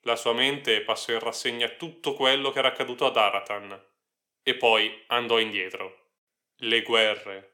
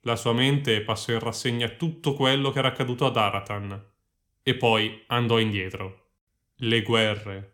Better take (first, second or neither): second